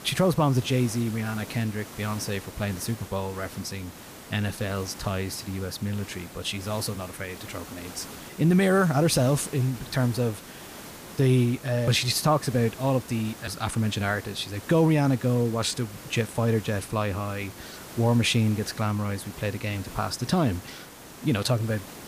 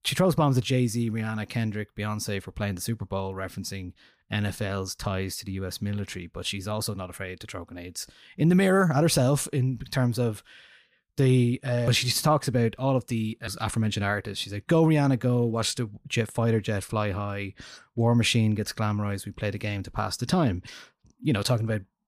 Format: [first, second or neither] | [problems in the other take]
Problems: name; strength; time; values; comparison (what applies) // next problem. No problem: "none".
second | hiss; noticeable; throughout; 15 dB below the speech